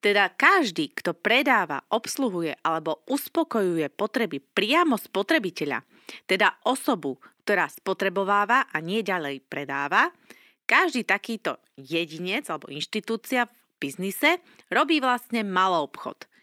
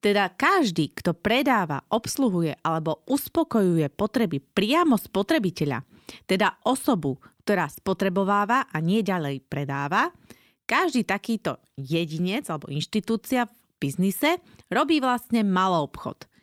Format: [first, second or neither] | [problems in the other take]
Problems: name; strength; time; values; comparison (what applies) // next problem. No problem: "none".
second | thin; very slightly; fading below 300 Hz